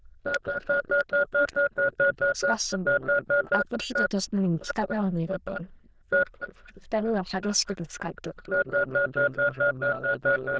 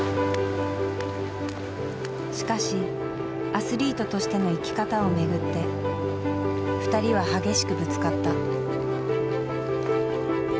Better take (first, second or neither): second